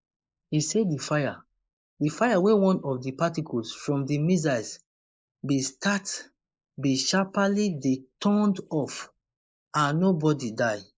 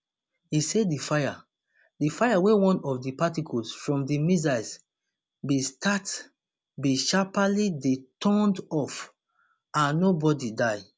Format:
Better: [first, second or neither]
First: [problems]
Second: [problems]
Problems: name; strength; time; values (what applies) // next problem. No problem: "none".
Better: second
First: noise reduction (neural mask model Resemble Enhance denoiser)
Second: none